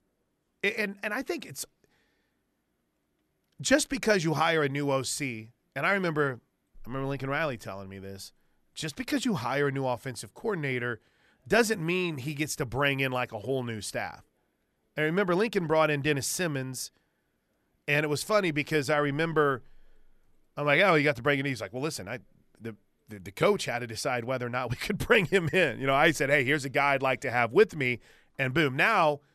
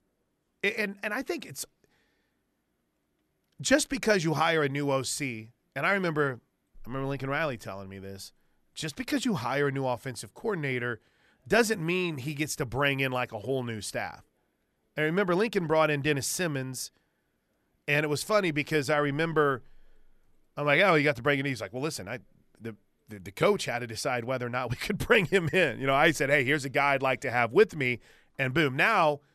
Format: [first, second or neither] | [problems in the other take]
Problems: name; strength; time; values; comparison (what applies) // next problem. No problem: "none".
neither | none